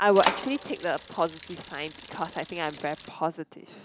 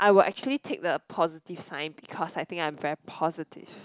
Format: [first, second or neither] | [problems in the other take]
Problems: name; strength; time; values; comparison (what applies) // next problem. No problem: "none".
second | background sound (Bicycle); 8 dB below the speech